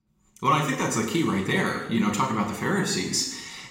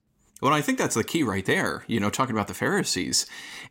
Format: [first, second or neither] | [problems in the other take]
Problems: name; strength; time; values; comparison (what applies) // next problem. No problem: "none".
second | room echo; noticeable; dies away in 1 s // off-mic speech; somewhat distant